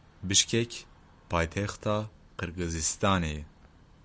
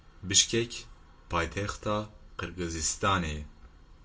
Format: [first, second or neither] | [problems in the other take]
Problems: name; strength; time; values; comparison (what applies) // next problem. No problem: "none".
first | room echo; dies away in 0.2 s